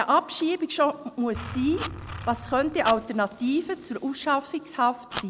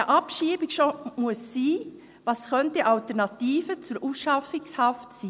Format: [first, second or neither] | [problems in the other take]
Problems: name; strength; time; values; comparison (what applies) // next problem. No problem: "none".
second | background sound (Engine + Fire); 14 dB below the speech